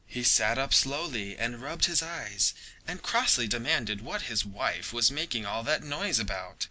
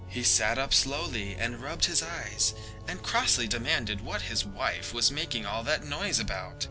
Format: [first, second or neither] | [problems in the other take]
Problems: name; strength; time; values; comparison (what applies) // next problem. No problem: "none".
first | background sound (Organ); 12 dB below the speech